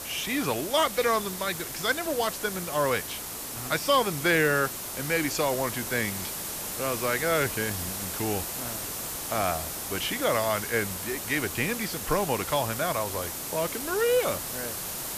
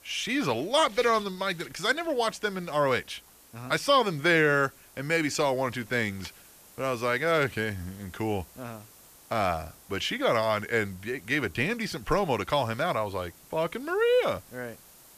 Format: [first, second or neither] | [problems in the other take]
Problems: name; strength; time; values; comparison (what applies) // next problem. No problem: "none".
second | hiss; loud; throughout; 5 dB below the speech; faint in the second